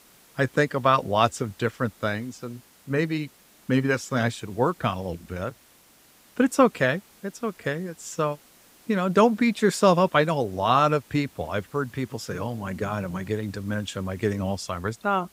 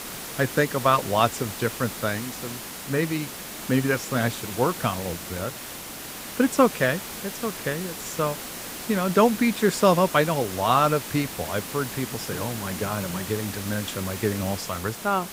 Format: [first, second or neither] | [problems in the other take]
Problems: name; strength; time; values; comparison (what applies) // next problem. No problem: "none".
first | hiss; loud; throughout; 9 dB below the speech; faint in the first